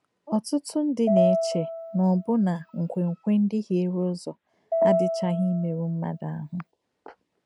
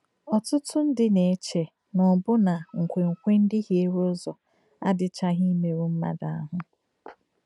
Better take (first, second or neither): second